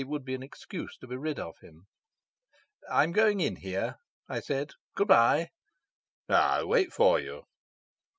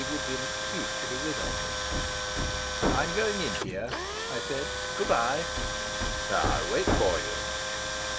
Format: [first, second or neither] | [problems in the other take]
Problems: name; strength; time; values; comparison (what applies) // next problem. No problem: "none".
first | background sound (Hammer + Tools); 3 dB above the speech